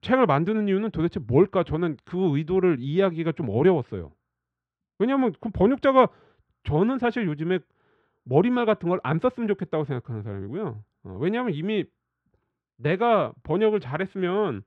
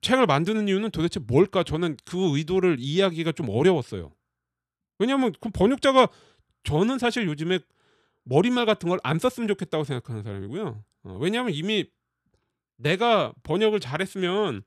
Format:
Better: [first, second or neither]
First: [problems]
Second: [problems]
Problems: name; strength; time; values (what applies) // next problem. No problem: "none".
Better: second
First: muffled; very; fading above 2 kHz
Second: none